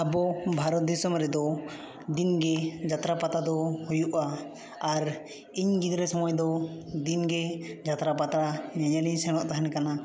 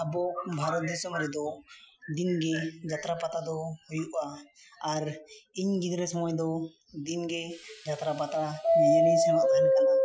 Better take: first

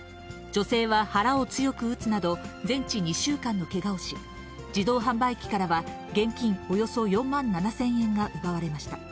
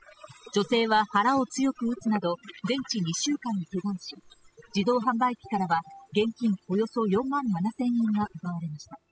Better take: first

